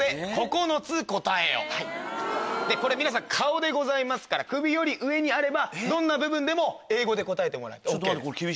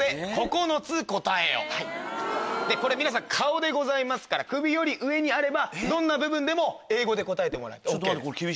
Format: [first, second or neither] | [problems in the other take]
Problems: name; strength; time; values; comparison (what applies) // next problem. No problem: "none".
first | background sound (Whoosh, swoosh, swish); 15 dB below the speech